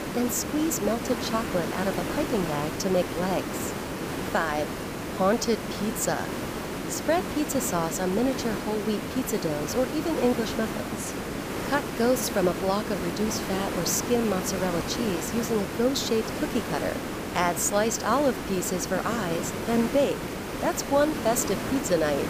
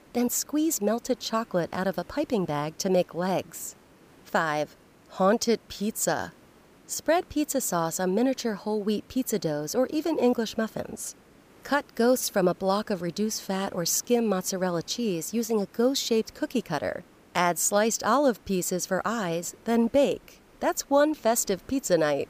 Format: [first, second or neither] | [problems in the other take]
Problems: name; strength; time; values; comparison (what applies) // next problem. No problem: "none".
second | hiss; loud; throughout; 4 dB below the speech; faint in the second